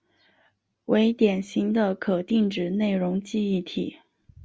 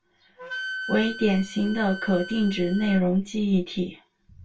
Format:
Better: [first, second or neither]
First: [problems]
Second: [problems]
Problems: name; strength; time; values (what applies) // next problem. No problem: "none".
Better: first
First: none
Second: background sound (Wind instrument, woodwind instrument); 13 dB below the speech // room echo; dies away in 0.2 s